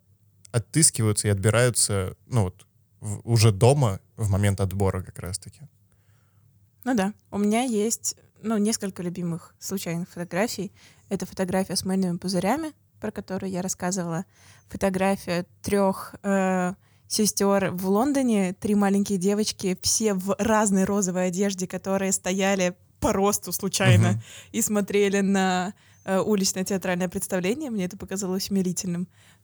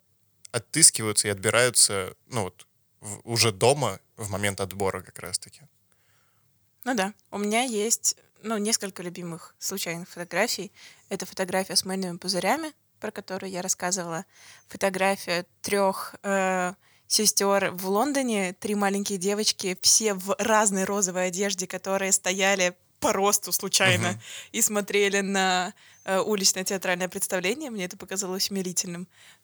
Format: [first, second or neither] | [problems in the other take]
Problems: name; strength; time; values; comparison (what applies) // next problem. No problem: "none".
first | thin; somewhat; fading below 1 kHz